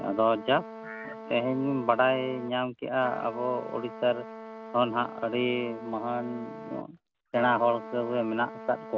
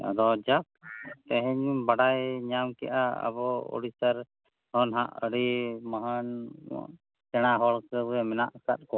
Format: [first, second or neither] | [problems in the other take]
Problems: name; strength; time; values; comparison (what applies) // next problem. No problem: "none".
second | background sound (Trumpet); 13 dB below the speech